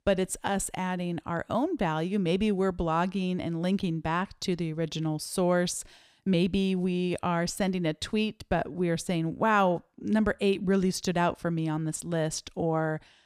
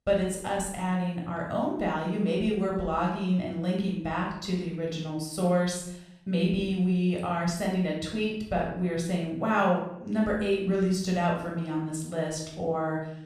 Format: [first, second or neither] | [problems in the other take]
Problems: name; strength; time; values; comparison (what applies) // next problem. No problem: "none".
first | off-mic speech; far // room echo; noticeable; dies away in 0.6 s